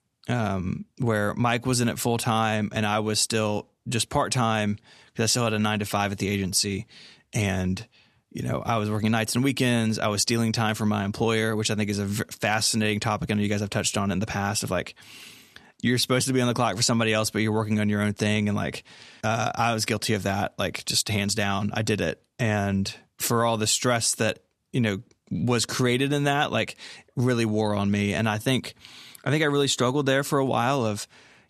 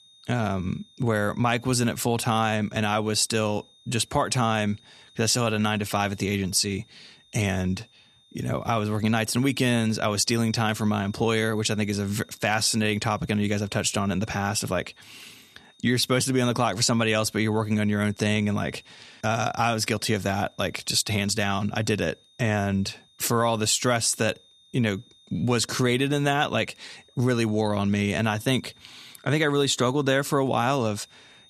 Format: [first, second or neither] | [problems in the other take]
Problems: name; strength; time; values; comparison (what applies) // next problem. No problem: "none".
first | high-pitched whine; faint; throughout; 3.5 kHz, 30 dB below the speech